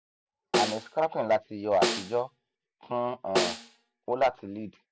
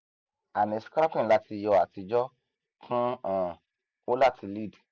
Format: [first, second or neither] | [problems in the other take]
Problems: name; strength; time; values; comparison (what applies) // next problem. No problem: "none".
second | background sound (Snare drum); 3 dB below the speech